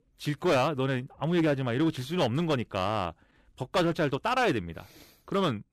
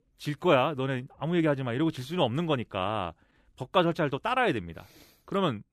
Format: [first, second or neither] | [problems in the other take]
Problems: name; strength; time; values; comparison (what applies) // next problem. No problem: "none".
second | distortion; slight; 6% of the sound clipped